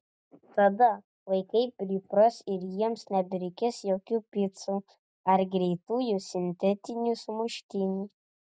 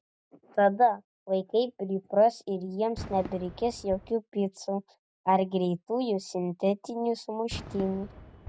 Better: first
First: none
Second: background sound (Fireworks); 19 dB below the speech

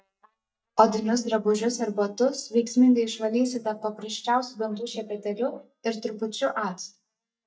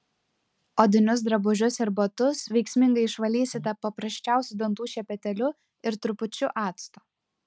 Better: second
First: noise reduction (neural mask model DeepFilterNet 3)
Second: none

